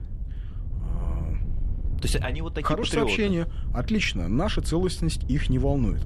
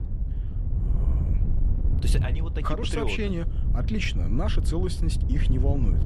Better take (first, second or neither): first